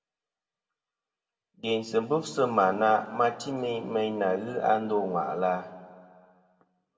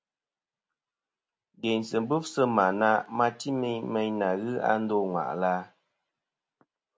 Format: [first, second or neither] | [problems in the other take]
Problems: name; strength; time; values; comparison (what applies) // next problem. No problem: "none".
second | room echo; dies away in 1.4 s